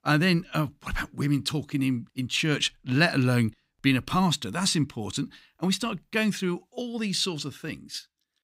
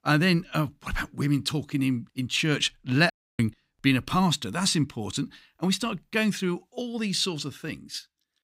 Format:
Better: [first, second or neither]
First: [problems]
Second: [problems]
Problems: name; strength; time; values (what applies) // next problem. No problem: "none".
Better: first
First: none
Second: audio cutting out; at 3 s